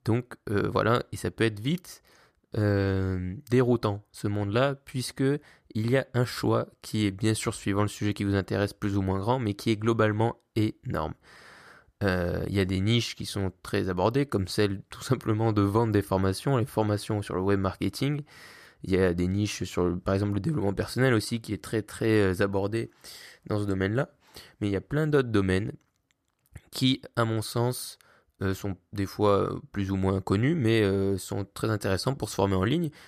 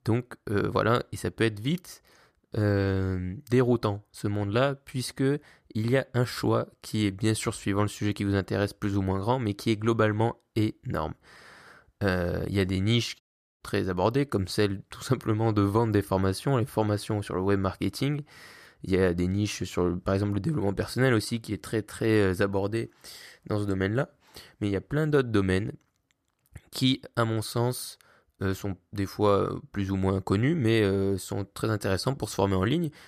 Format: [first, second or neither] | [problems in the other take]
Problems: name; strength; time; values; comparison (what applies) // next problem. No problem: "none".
first | audio cutting out; at 13 s